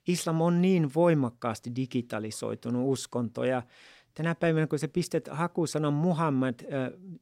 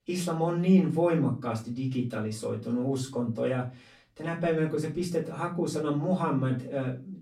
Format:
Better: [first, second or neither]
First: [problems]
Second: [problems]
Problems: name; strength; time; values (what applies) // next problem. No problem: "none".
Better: first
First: none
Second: off-mic speech; far // room echo; slight; dies away in 0.3 s